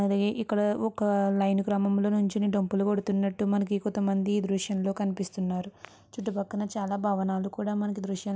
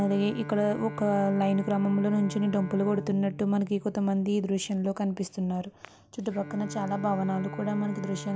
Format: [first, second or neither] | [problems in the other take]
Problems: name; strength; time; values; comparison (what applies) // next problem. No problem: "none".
first | background sound (Bowed string instrument); 13 dB below the speech